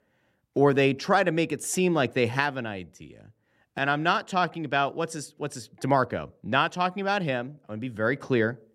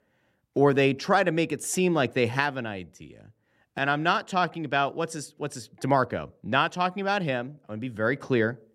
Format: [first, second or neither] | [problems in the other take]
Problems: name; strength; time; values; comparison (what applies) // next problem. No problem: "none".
neither | none